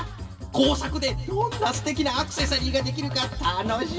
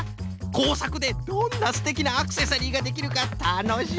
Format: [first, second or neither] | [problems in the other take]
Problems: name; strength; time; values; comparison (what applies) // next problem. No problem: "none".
second | room echo; dies away in 2 s